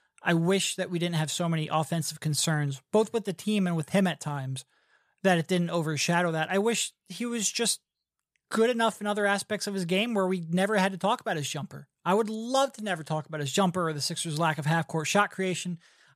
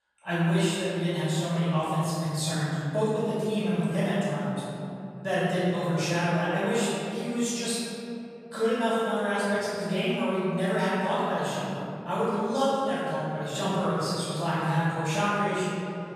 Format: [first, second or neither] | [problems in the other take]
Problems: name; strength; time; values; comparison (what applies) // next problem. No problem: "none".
first | off-mic speech; far // room echo; strong; dies away in 2.7 s